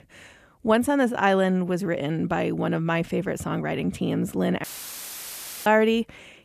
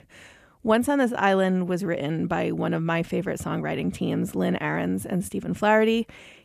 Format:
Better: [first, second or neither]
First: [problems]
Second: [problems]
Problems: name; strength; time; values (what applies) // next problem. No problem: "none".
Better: second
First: audio cutting out; filled with static; at 4.5 s for 1 s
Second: none